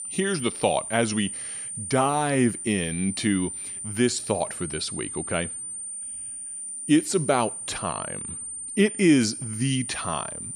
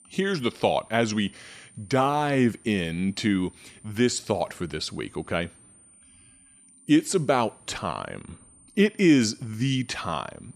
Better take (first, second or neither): second